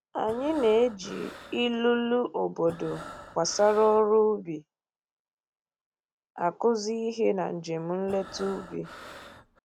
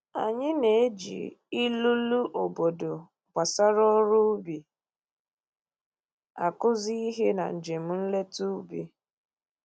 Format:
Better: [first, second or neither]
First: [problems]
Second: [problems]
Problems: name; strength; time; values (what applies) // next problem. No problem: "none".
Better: second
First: background sound (Breathing); 17 dB below the speech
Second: none